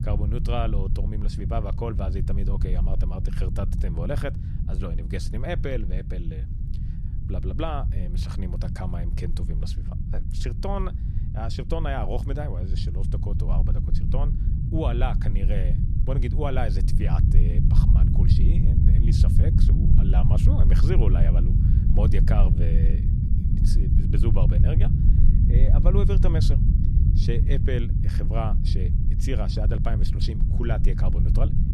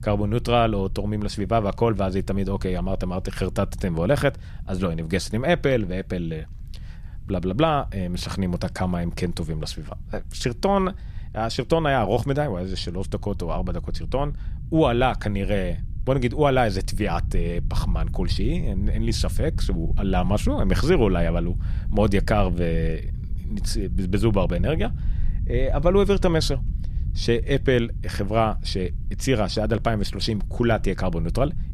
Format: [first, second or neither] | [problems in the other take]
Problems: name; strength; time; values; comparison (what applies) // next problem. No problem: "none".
second | low rumble; loud; throughout; 3 dB below the speech; faint in the second